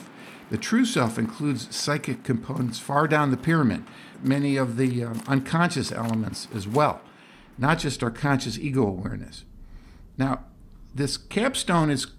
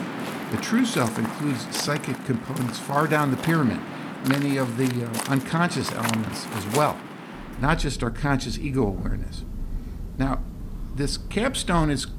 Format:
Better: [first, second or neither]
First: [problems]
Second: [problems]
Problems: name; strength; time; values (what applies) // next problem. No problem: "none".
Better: first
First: rain or running water; faint; throughout; 25 dB below the speech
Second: rain or running water; loud; throughout; 8 dB below the speech